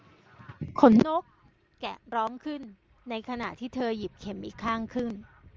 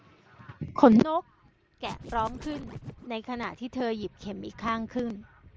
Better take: first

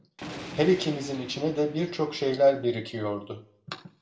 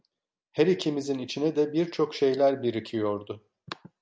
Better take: second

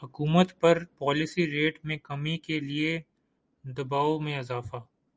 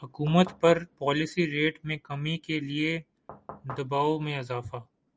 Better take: first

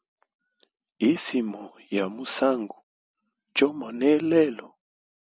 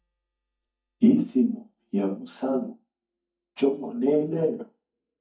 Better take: first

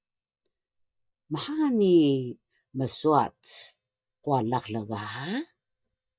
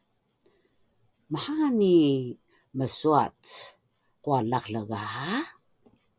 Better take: second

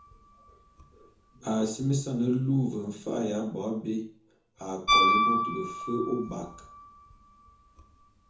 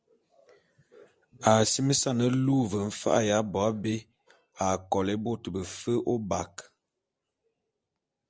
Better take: second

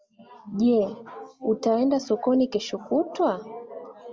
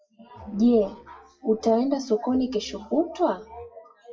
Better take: first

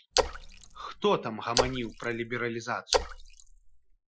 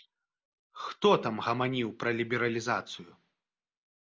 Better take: second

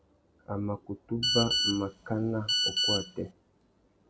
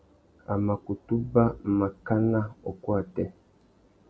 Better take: second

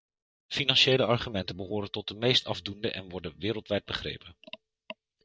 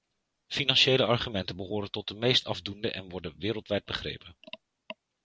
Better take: second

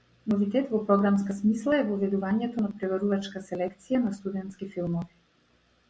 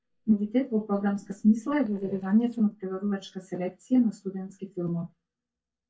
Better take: first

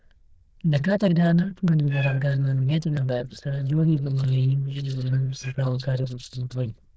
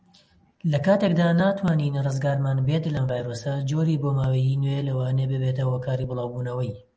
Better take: second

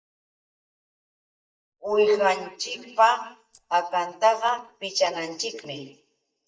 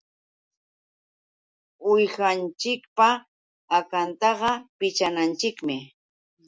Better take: second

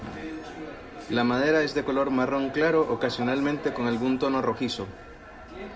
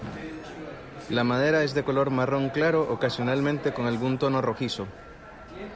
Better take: second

